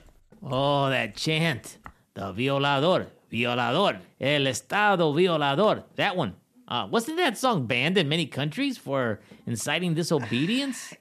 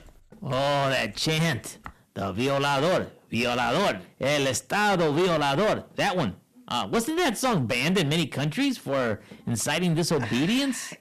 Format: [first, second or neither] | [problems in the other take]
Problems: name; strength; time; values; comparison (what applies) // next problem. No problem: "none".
first | distortion; heavy; 14% of the sound clipped